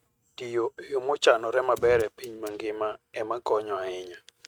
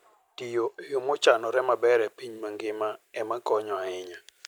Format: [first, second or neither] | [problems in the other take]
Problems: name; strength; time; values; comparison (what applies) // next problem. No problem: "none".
second | noise reduction (neural mask model RNNoise)